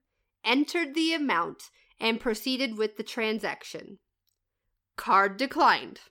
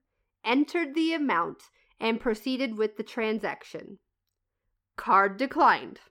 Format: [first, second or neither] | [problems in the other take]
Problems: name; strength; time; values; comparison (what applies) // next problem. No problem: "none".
first | muffled; slightly; fading above 2.5 kHz